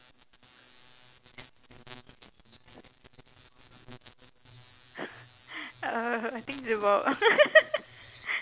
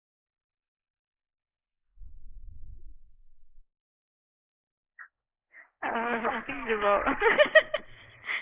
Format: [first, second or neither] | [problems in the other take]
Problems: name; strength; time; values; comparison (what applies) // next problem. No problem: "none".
first | noise reduction (neural mask model Resemble Enhance denoiser)